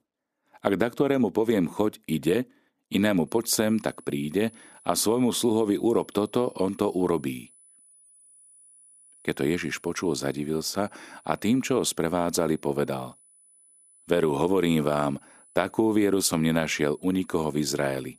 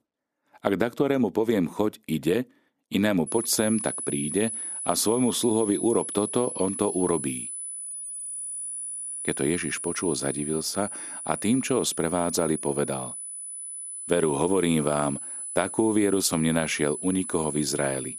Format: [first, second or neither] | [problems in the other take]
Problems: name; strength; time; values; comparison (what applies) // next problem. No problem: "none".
first | high-pitched whine; loud; from 3.5 s on; 10 kHz, 6 dB below the speech; faint in the first